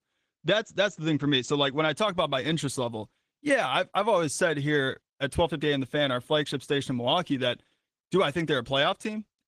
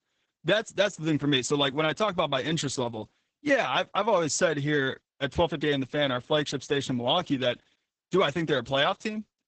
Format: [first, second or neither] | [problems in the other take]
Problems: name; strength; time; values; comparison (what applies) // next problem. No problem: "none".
first | garbled, watery; badly; nothing above 8 kHz; slightly in the first